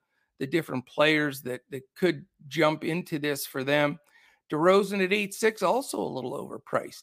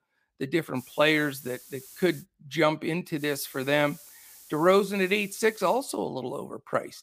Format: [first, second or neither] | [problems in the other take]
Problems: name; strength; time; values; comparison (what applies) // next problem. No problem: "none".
first | hiss; faint; from 1 to 2 s and from 3 to 5.5 s; 20 dB below the speech